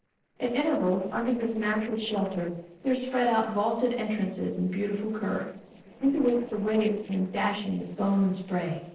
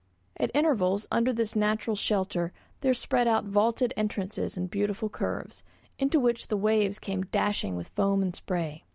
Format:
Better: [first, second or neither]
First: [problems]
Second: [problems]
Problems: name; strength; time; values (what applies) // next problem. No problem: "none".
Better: second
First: noise reduction (neural separator model SepFormer DNS4)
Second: none